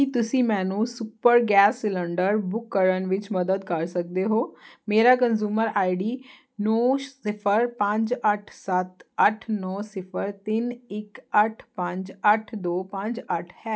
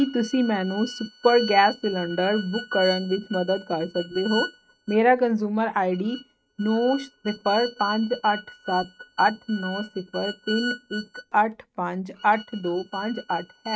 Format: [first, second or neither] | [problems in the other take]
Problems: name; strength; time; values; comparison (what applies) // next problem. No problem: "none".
first | noise reduction (neural mask model RNNoise)